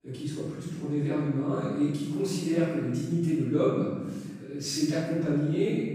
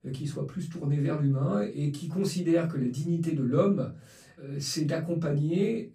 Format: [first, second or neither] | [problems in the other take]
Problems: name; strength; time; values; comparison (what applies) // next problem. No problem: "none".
second | room echo; strong; dies away in 1.3 s; slight in the second // off-mic speech; far; far in the second